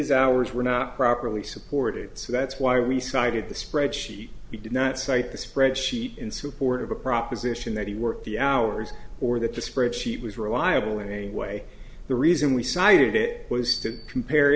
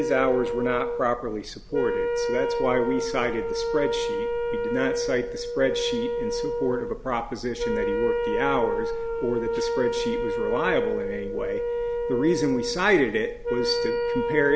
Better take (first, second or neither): first